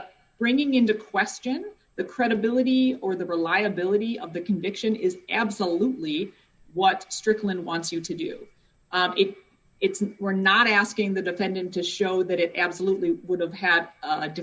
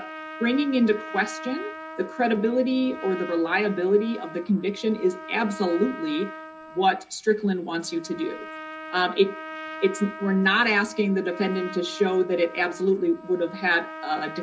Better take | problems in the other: first | background sound (Trumpet); 14 dB below the speech // room echo; dies away in 0.3 s

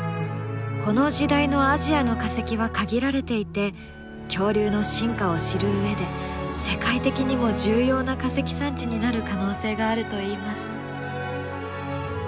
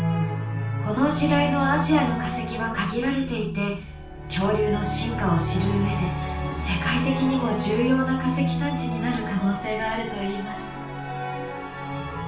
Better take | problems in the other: first | room echo; dies away in 0.3 s

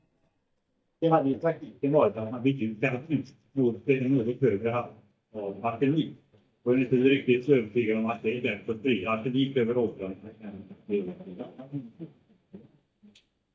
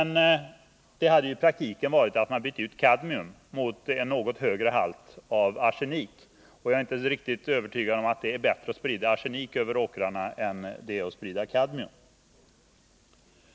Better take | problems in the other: second | noise reduction (neural mask model DeepFilterNet 3)

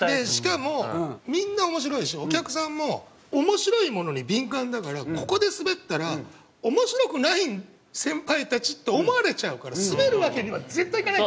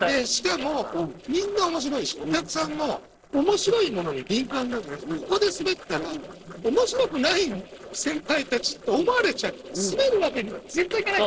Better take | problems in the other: first | noise reduction (neural separator model SepFormer DNS4)

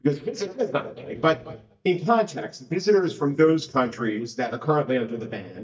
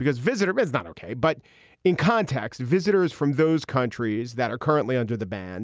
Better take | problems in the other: second | noise reduction (neural mask model DeepFilterNet 3)

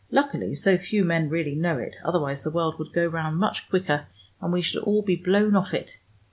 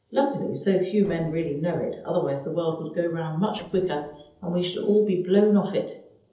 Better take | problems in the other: first | noise reduction (neural separator model SepFormer DNS4)

